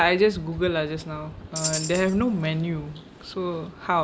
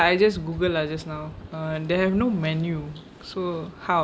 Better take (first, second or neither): second